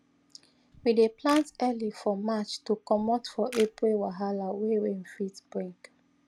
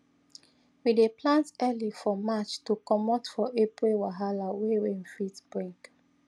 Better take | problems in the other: second | background sound (Camera); 17 dB below the speech

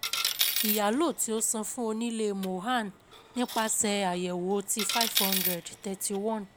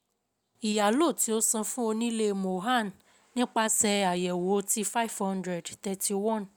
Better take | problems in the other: second | background sound (Coin (dropping)); 4 dB below the speech

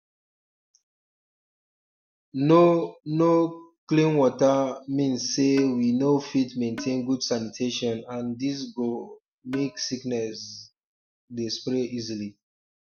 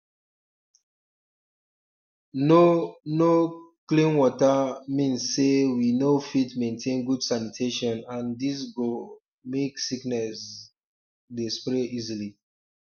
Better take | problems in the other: second | background sound (Percussion); 16 dB below the speech

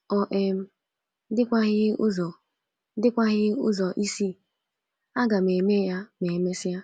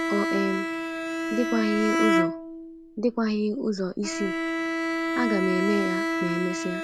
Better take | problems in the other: first | background sound (Bowed string instrument); as loud as the speech

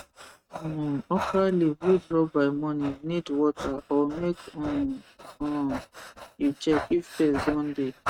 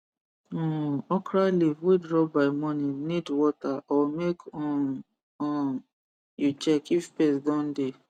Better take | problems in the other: second | noise reduction (neural mask model RNNoise)

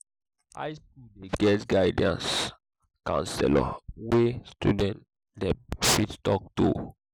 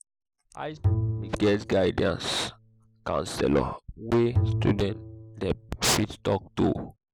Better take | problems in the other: first | background sound (Bowed string instrument); 5 dB below the speech

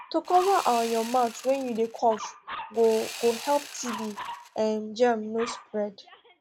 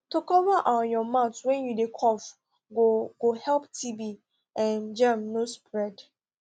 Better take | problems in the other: second | background sound (Sawing + Dog); 13 dB below the speech

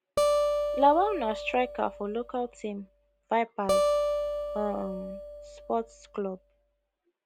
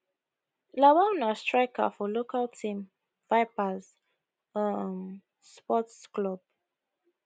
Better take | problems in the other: second | background sound (Acoustic guitar); as loud as the speech

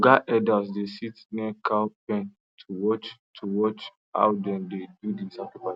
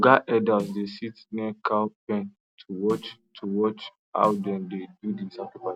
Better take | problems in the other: first | background sound (Snare drum); 19 dB below the speech

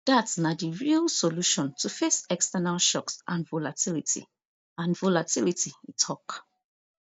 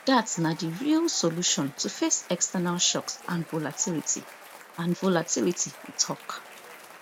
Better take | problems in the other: first | background sound (Applause / Cheering); 18 dB below the speech

